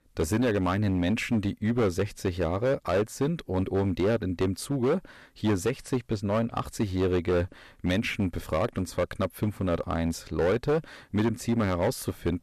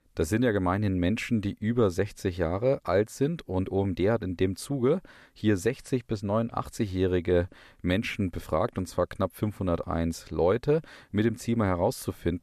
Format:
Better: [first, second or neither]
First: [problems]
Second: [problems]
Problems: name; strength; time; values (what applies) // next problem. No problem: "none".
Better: second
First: distortion; slight; 10% of the sound clipped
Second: none